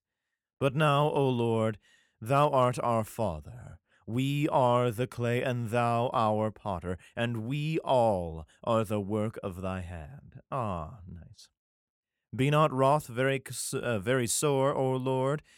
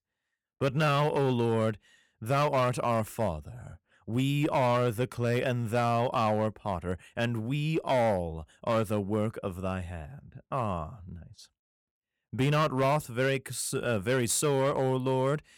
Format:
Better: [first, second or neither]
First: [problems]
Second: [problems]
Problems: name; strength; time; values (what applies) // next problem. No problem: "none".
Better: first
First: none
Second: distortion; slight; 7% of the sound clipped